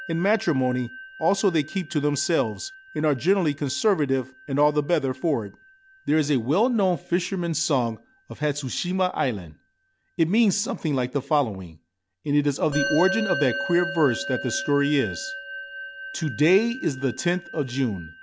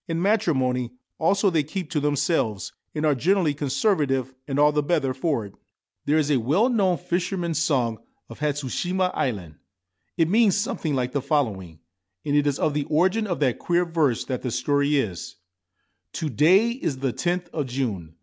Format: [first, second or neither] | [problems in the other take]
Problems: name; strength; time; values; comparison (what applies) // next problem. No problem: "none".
second | background sound (Musical instrument); 13 dB below the speech